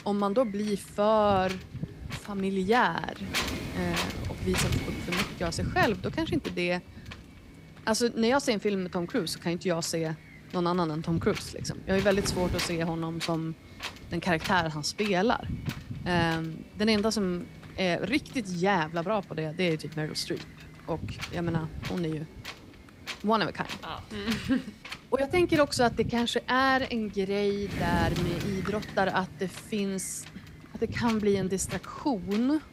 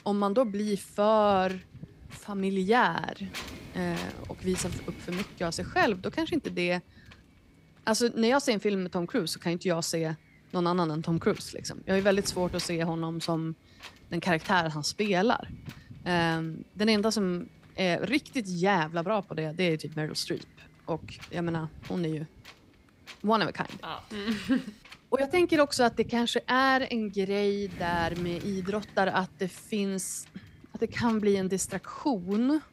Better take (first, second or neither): second